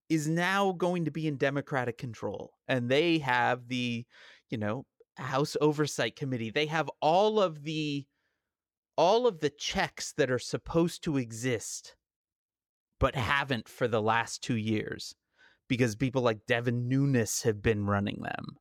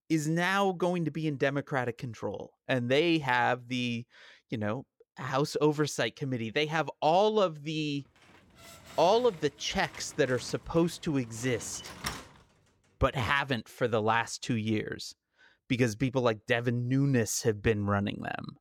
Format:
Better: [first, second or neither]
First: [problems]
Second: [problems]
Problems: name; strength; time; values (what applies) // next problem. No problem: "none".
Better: first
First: none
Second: door banging; noticeable; from 8.5 to 12 s; peak 8 dB below the speech